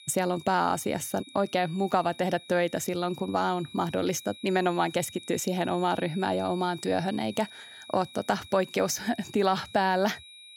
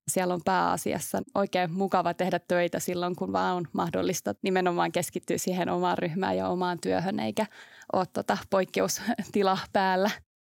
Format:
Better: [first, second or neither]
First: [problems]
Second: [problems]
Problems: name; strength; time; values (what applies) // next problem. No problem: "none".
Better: second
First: high-pitched whine; noticeable; throughout; 4 kHz, 20 dB below the speech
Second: none